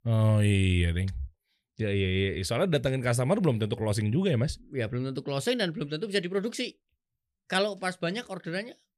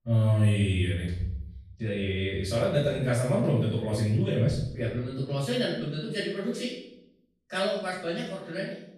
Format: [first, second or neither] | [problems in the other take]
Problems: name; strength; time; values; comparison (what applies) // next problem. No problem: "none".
first | off-mic speech; far // room echo; noticeable; dies away in 0.7 s